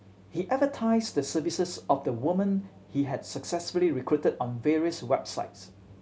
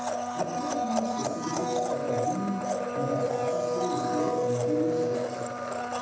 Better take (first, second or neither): first